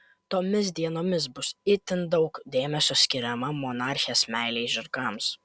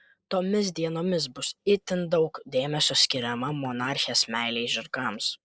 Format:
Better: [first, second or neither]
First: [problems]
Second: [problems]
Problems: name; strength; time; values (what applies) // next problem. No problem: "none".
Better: first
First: none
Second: noise reduction (neural mask model Resemble Enhance denoiser)